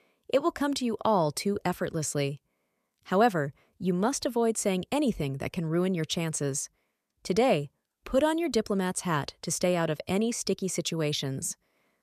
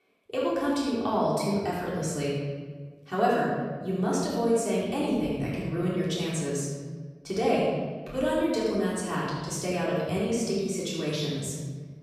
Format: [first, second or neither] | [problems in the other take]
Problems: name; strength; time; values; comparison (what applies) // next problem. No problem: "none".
first | off-mic speech; far // room echo; strong; dies away in 1.4 s